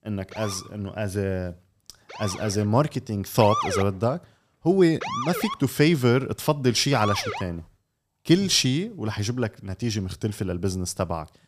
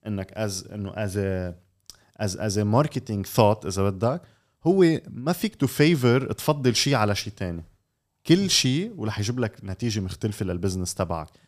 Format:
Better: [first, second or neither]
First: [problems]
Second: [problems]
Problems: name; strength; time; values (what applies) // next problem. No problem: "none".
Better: second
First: siren; noticeable; until 7.5 s; peak 2 dB below the speech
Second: none